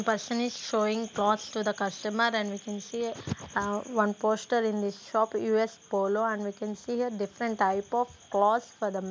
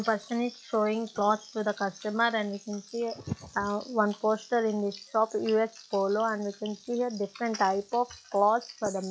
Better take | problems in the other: first | noise reduction (classical method log-MMSE)

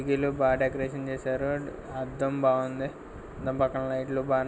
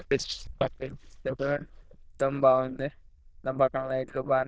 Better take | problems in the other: first | noise reduction (neural diffusion model UNIVERSE++)

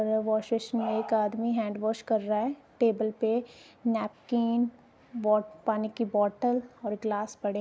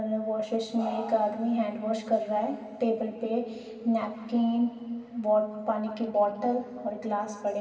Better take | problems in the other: first | room echo; dies away in 2.4 s

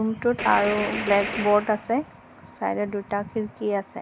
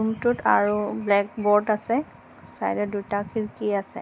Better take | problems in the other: second | background sound (Gunshot, gunfire); 7 dB below the speech

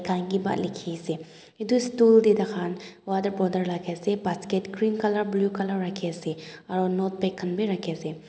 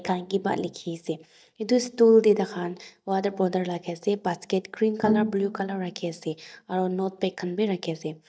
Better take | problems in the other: first | noise reduction (neural mask model DeepFilterNet 3)

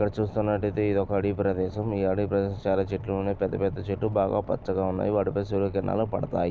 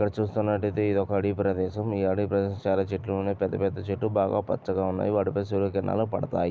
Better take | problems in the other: second | background sound (Boat, Water vehicle); 18 dB below the speech

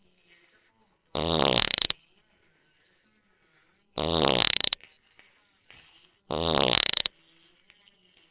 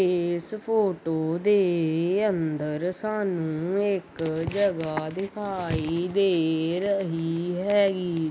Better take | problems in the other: second | noise reduction (neural separator model SepFormer WHAMR!)

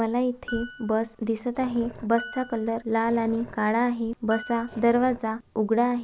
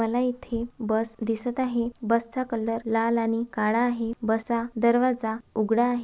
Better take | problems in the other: second | background sound (Growling + Piano); 17 dB below the speech

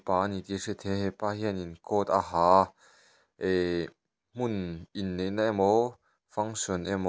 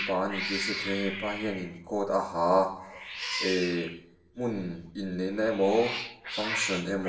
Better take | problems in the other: first | background sound (Cat); 7 dB below the speech // room echo; dies away in 0.9 s

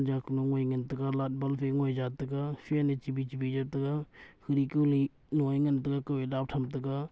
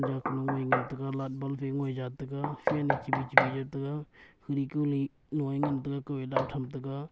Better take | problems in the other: first | background sound (Knock); 2 dB below the speech

